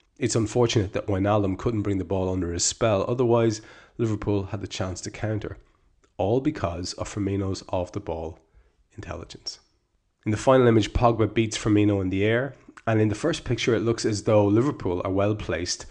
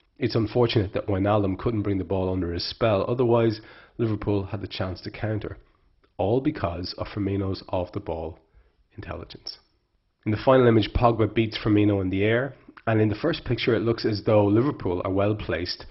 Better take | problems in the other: first | garbled, watery; badly; nothing above 5.5 kHz

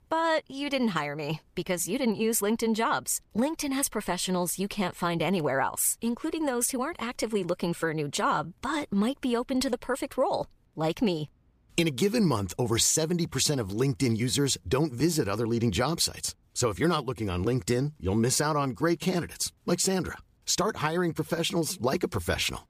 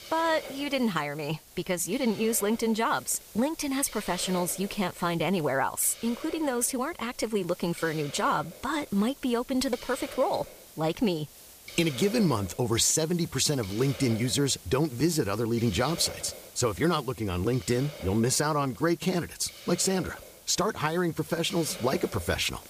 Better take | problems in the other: first | hiss; noticeable; throughout; 15 dB below the speech

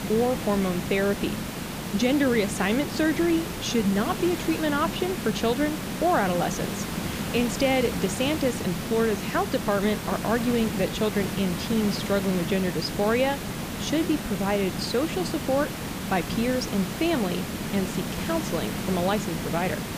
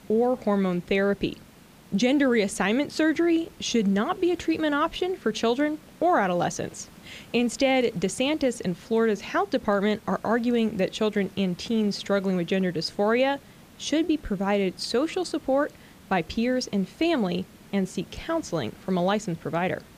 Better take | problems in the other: second | hiss; loud; throughout; 5 dB below the speech; faint in the second

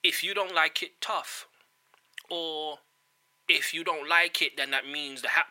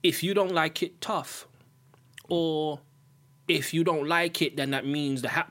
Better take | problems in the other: second | thin; very; fading below 650 Hz

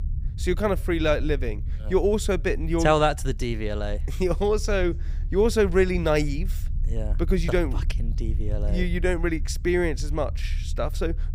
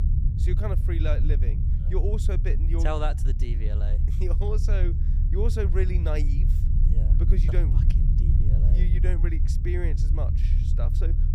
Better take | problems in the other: first | low rumble; loud; throughout; 6 dB below the speech; faint in the first

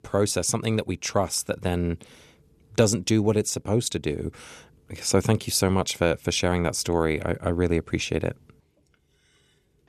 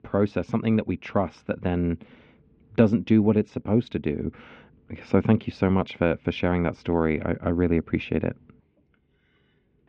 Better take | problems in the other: first | muffled; very; fading above 3 kHz

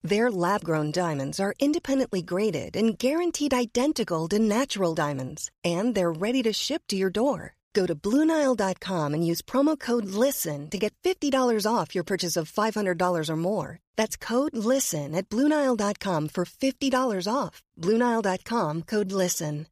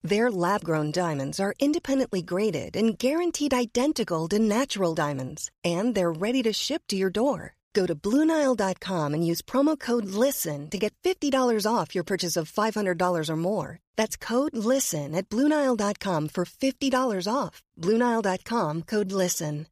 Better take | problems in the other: neither | none

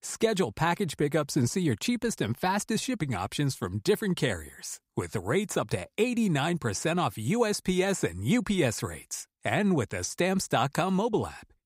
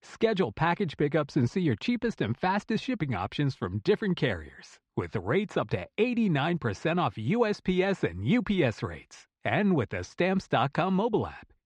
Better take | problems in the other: first | muffled; slightly; fading above 3.5 kHz

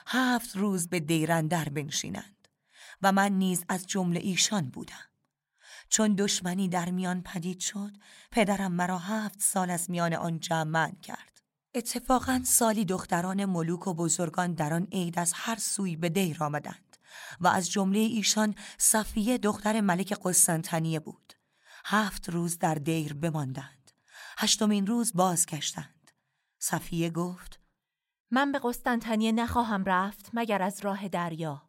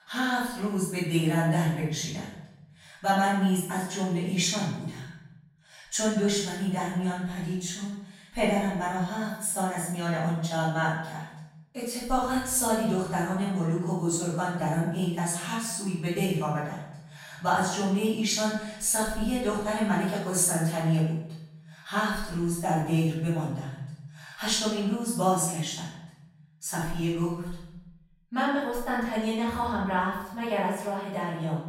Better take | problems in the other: first | off-mic speech; far // room echo; noticeable; dies away in 0.8 s

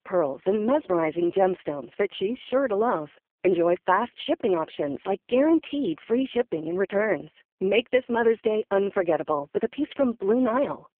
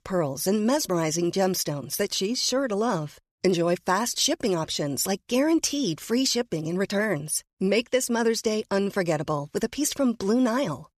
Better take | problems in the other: second | phone-call audio; poor line

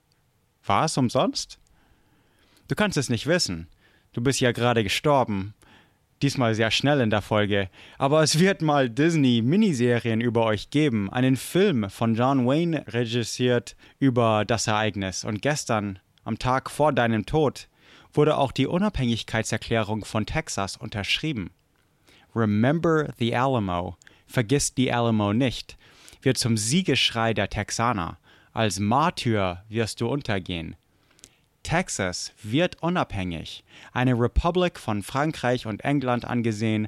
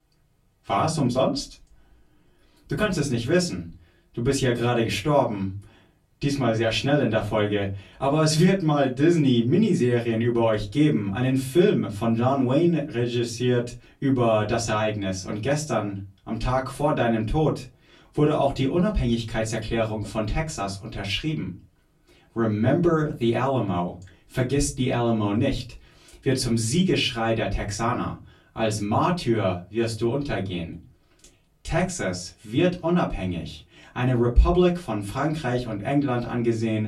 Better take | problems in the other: first | off-mic speech; far // room echo; very slight; dies away in 0.3 s

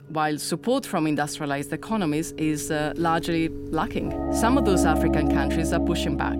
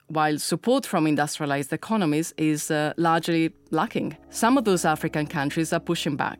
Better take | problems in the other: second | background music; loud; throughout; 1 dB below the speech; faint in the second

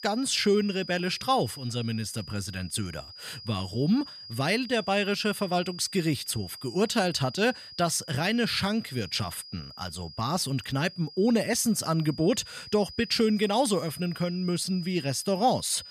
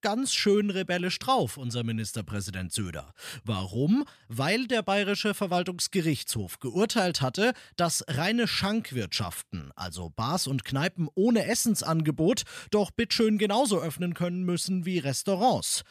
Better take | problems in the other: second | high-pitched whine; noticeable; throughout; 5 kHz, 15 dB below the speech

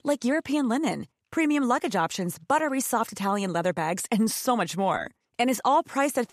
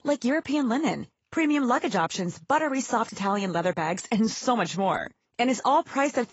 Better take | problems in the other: first | garbled, watery; badly; nothing above 7.5 kHz

